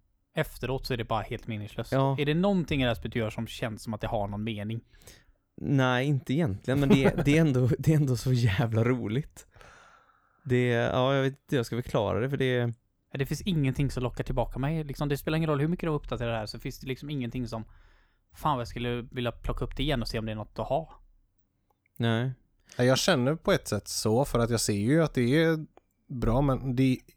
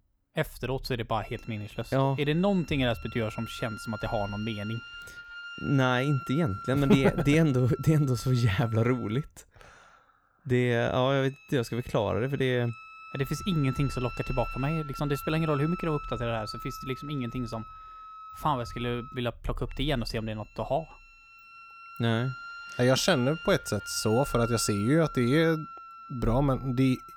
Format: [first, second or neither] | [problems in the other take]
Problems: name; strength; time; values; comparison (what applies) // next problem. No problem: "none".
first | background music; noticeable; throughout; 15 dB below the speech